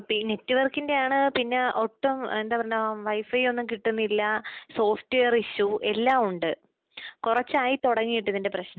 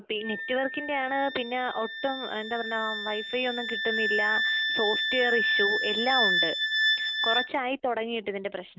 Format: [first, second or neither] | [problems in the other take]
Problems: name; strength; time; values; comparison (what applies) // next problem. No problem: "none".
first | background sound (Wind instrument, woodwind instrument); 1 dB above the speech